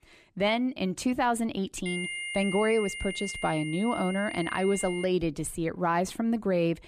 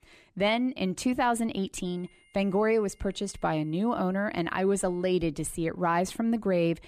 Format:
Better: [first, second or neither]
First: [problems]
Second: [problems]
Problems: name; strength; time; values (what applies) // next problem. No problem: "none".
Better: second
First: high-pitched whine; loud; from 2 to 5 s; 2 kHz, 7 dB below the speech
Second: high-pitched whine; faint; from 2 to 5 s; 2 kHz, 35 dB below the speech